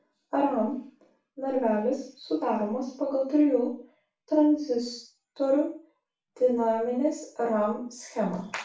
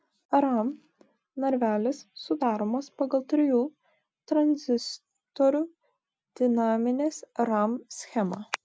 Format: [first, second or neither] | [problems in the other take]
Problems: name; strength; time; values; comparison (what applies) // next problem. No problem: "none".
second | room echo; dies away in 0.4 s